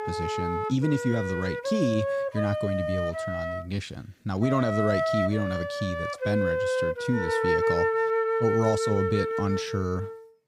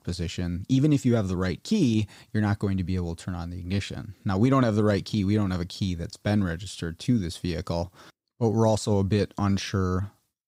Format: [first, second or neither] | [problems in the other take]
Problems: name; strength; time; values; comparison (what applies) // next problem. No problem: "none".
second | background music; very loud; throughout; 1 dB above the speech